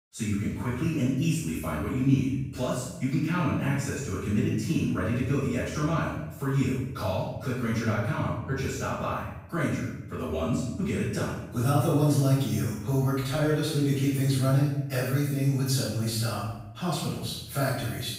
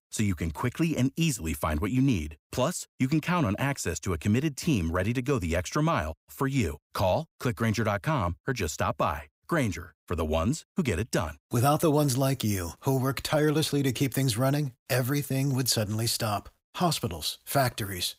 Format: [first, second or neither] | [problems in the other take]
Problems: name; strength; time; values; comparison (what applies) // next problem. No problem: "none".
second | off-mic speech; far // room echo; strong; dies away in 0.8 s